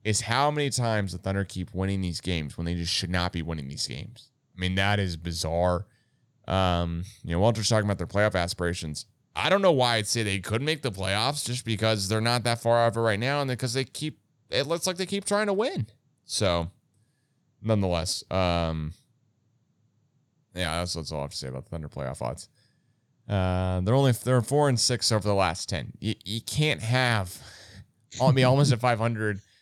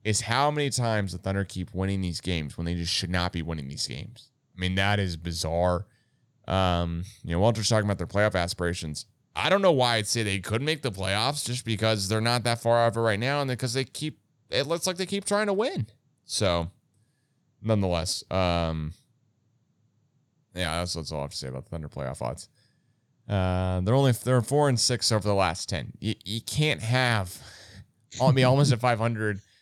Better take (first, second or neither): neither